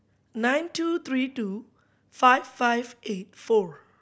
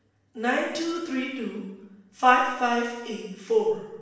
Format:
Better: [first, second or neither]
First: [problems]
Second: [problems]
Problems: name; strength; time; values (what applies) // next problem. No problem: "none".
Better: first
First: none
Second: room echo; dies away in 0.9 s